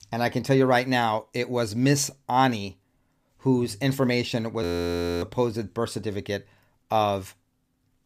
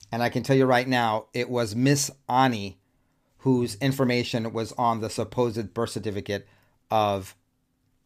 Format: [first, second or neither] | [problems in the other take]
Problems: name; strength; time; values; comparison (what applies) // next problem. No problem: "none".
second | audio freezing; at 4.5 s for 0.5 s